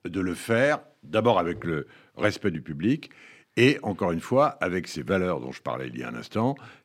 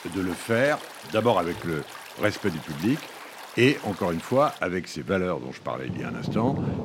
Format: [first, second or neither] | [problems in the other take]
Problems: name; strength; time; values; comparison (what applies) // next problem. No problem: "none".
first | rain or running water; noticeable; throughout; 10 dB below the speech